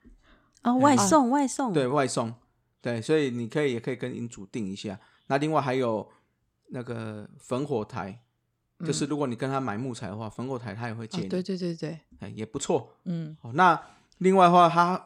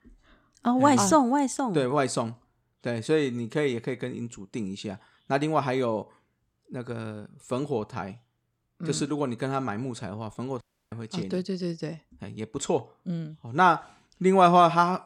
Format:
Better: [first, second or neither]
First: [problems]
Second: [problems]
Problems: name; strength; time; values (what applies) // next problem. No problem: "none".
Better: first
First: none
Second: audio cutting out; at 11 s